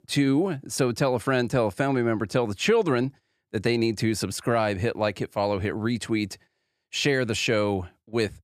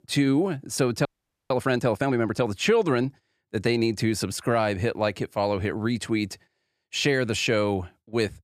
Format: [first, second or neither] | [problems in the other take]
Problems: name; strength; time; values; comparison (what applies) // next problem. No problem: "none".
first | audio freezing; at 1 s